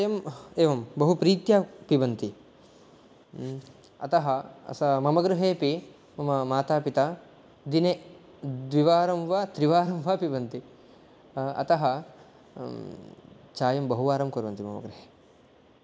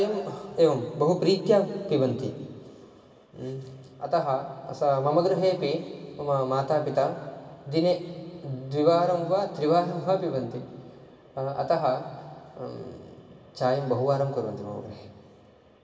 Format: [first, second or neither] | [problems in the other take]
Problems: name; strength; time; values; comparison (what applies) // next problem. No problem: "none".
first | room echo; dies away in 2.3 s